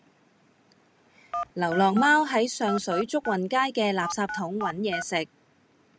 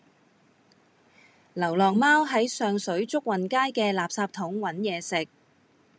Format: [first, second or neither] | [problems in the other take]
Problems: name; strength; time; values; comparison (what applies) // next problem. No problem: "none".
second | background sound (Telephone); 9 dB below the speech